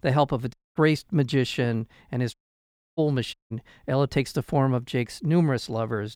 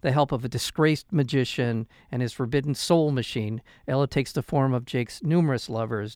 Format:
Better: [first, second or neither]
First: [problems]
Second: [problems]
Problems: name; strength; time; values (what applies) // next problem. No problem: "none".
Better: second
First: audio cutting out; at 0.5 s, at 2.5 s for 0.5 s and at 3.5 s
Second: none